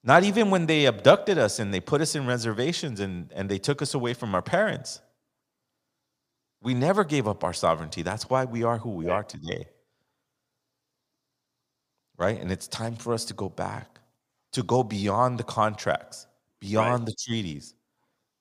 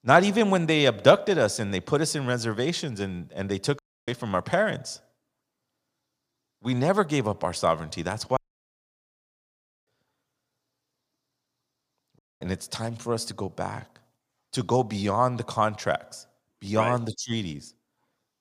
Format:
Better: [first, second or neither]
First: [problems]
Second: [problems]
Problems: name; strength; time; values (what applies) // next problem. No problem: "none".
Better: first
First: none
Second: audio cutting out; at 4 s, at 8.5 s for 1.5 s and at 12 s